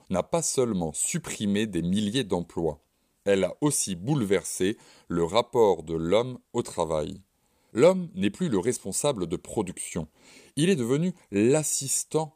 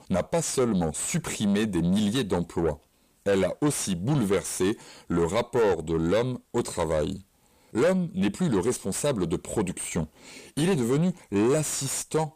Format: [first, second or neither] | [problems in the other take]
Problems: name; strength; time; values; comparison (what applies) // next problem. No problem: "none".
first | distortion; heavy; 8 dB below the speech